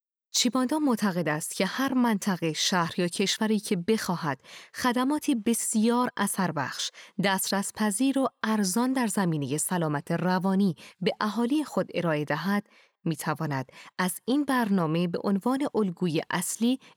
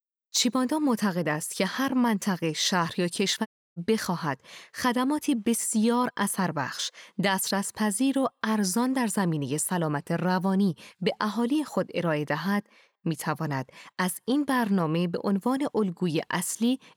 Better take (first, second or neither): first